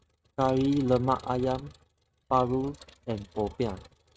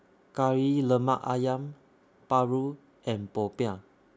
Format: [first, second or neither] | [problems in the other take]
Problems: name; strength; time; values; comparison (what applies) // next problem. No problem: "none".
second | noise reduction (neural mask model RNNoise)